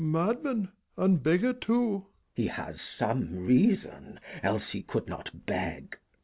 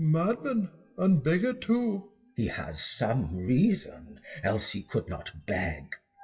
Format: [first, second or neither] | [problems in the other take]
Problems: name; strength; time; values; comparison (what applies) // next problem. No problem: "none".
first | noise reduction (classical method WPE with log-MMSE)